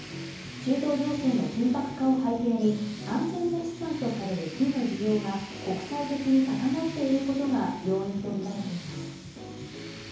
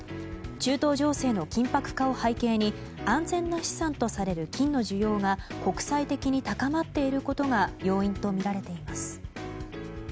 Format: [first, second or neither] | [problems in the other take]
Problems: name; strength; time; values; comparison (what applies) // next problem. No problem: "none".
second | background sound (Tools); 18 dB below the speech // room echo; dies away in 0.7 s